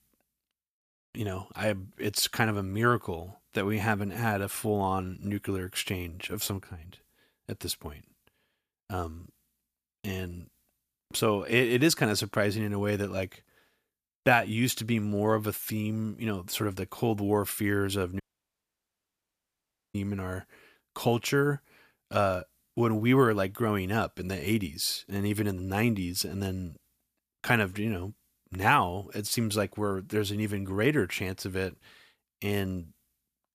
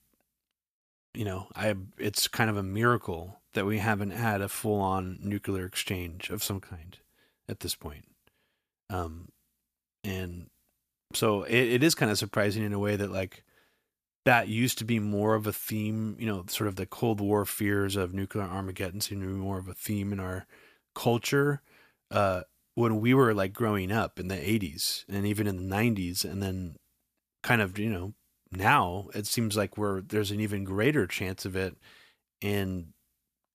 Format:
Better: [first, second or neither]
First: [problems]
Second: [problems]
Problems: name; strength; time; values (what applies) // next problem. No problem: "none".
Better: second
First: audio cutting out; at 18 s for 1.5 s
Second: none